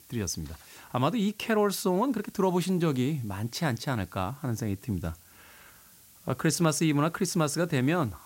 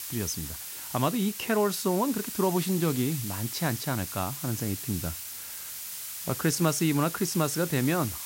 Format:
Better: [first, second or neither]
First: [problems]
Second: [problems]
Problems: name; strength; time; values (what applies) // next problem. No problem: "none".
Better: first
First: hiss; faint; throughout; 25 dB below the speech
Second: hiss; loud; throughout; 6 dB below the speech